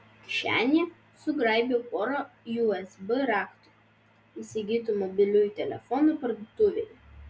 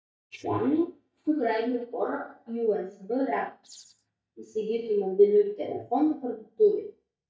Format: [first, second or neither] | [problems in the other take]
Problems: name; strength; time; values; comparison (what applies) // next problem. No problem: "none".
first | noise reduction (neural mask model DeepFilterNet 3)